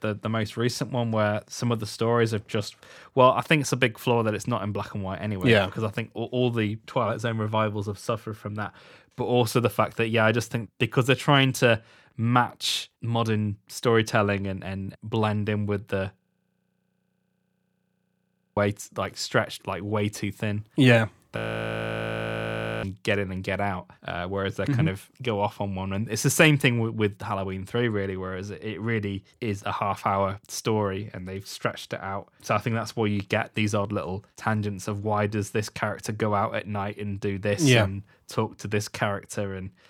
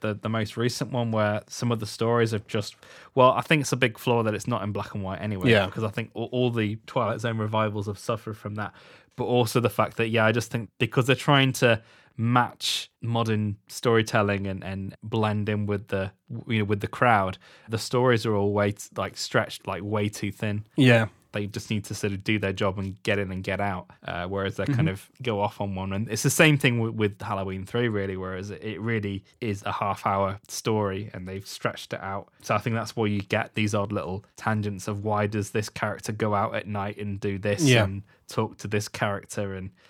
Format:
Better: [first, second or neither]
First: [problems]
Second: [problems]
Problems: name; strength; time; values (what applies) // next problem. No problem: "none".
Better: second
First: audio freezing; at 16 s for 2.5 s and at 21 s for 1.5 s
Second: none